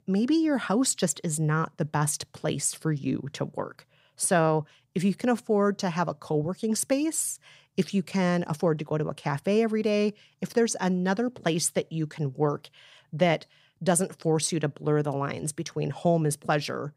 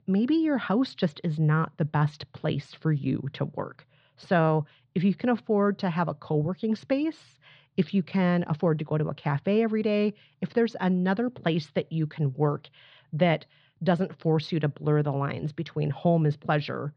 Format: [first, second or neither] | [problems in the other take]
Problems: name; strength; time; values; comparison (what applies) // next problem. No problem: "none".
first | muffled; slightly; fading above 4 kHz